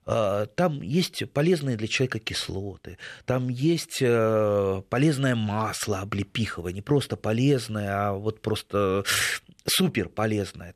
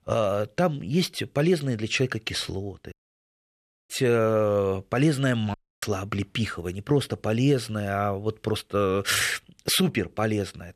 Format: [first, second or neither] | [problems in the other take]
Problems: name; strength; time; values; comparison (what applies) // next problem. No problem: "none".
first | audio cutting out; at 3 s for 1 s and at 5.5 s